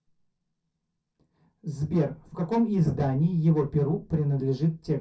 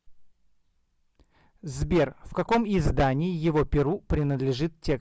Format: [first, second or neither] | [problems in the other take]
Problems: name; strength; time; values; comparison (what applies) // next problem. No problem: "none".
second | room echo; dies away in 0.3 s